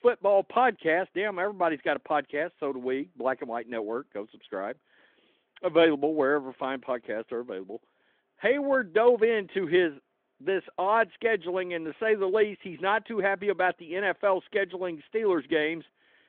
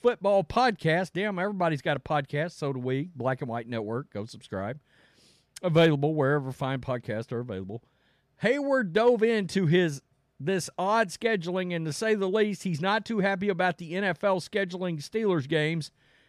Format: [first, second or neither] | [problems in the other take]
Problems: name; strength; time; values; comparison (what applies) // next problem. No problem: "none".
second | phone-call audio; nothing above 3.5 kHz